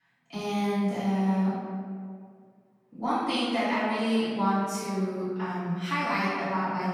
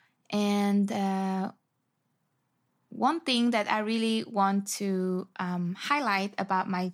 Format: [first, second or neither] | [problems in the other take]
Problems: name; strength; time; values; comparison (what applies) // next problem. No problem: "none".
second | off-mic speech; far // room echo; strong; dies away in 1.8 s